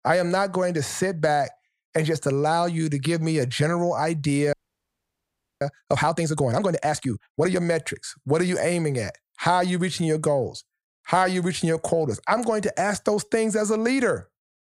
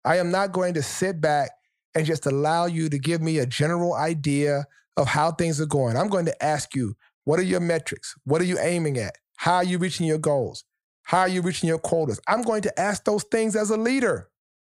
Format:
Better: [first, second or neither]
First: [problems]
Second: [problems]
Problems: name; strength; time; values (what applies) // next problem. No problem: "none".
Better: second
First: audio freezing; at 4.5 s for 1 s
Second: none